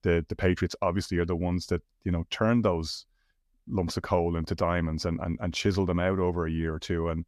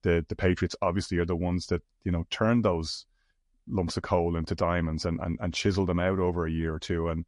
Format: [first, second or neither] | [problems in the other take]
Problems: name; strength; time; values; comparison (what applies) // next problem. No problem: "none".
first | garbled, watery; slightly; nothing above 11 kHz